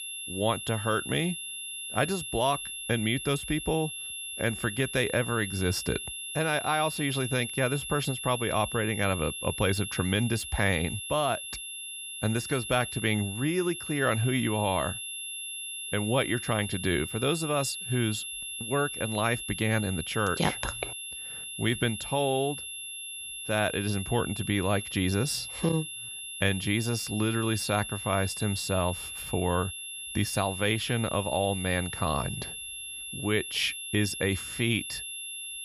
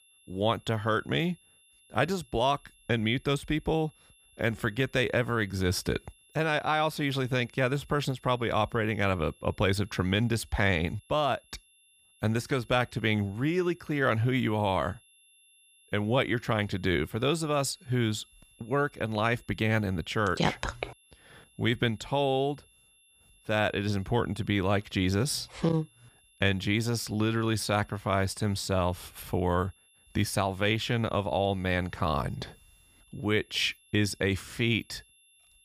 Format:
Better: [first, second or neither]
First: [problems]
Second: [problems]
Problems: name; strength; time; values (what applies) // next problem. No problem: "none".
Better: second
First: high-pitched whine; loud; throughout; 3.5 kHz, 6 dB below the speech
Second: high-pitched whine; faint; throughout; 3.5 kHz, 30 dB below the speech